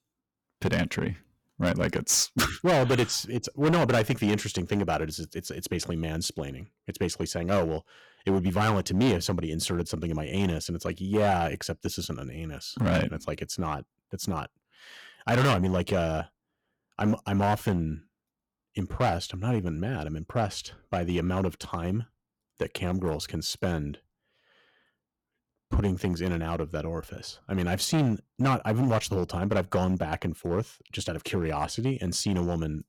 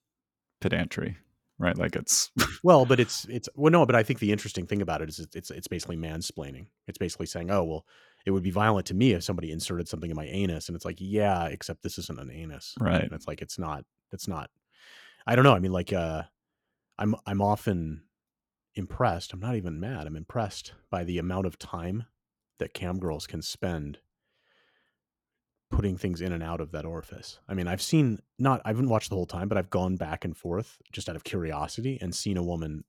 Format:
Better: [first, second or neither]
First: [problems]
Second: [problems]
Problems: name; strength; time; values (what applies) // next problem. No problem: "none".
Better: second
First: distortion; heavy; 5% of the sound clipped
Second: none